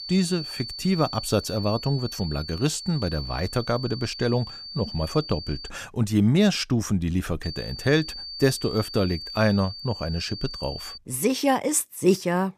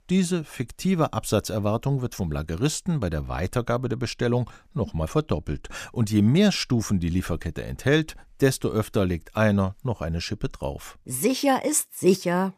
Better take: second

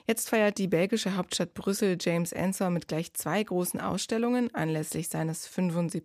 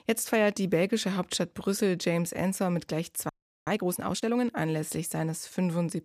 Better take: first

